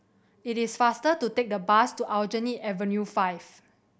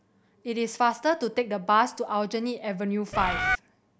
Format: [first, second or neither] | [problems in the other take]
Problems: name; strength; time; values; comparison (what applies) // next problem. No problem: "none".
first | background sound (Bird); 1 dB above the speech